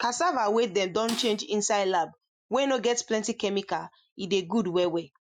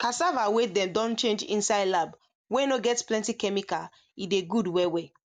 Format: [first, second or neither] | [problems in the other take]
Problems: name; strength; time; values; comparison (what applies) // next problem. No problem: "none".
second | noise reduction (classical method Wiener filter)